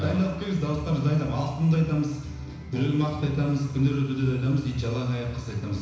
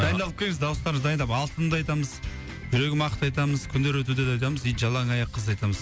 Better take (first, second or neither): second